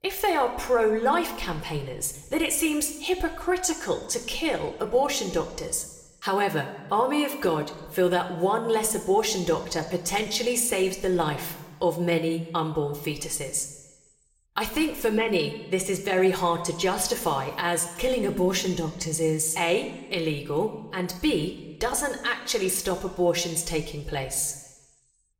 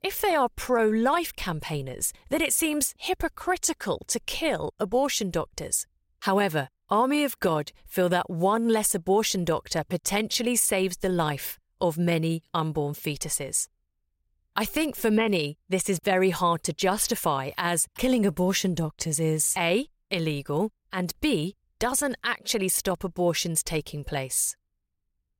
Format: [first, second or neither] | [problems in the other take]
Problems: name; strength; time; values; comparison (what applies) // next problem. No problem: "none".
second | room echo; slight; dies away in 1 s